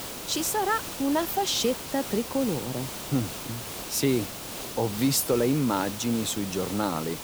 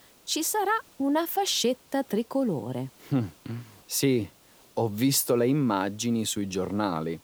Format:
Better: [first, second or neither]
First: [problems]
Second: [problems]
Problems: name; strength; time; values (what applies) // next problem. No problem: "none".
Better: second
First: hiss; loud; throughout; 8 dB below the speech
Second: hiss; faint; throughout; 30 dB below the speech